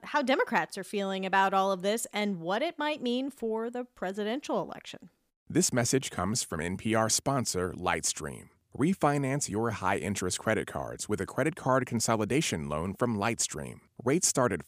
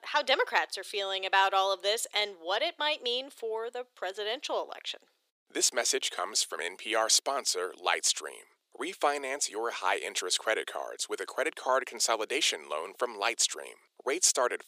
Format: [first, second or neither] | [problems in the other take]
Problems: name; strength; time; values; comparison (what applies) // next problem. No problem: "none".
first | thin; very; fading below 400 Hz